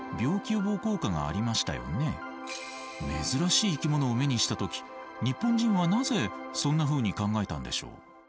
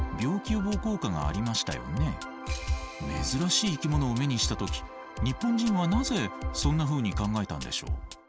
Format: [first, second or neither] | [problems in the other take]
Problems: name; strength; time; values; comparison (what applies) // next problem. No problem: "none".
first | background sound (Drum kit); 6 dB below the speech